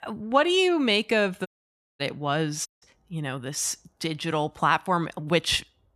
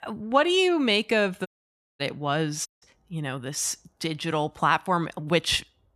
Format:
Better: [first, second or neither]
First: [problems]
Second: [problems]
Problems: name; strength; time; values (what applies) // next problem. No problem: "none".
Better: neither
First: audio cutting out; at 1.5 s for 0.5 s and at 2.5 s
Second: audio cutting out; at 1.5 s for 0.5 s and at 2.5 s